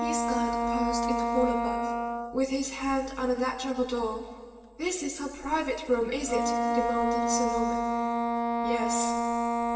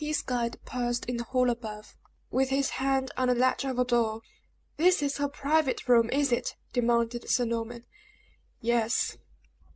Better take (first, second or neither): second